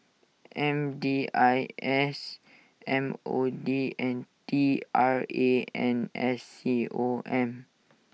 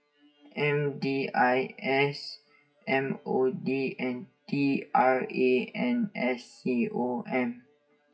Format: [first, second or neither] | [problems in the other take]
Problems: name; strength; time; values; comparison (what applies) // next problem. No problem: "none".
first | noise reduction (classical method WPE with log-MMSE)